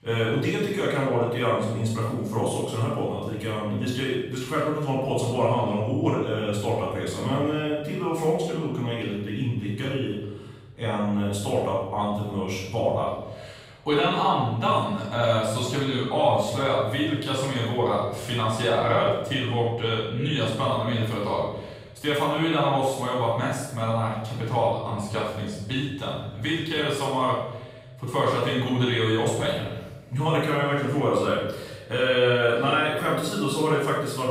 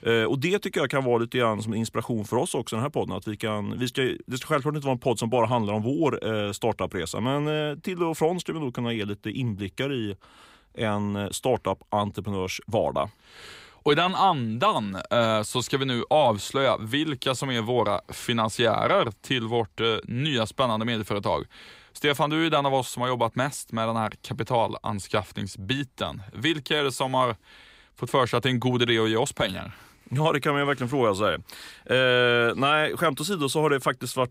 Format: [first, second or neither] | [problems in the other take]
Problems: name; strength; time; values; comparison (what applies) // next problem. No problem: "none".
second | off-mic speech; far // room echo; strong; dies away in 0.9 s